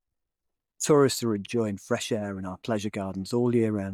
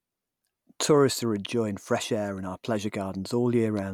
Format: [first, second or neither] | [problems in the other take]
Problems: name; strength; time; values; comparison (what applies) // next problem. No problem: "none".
second | noise reduction (neural mask model DeepFilterNet 3)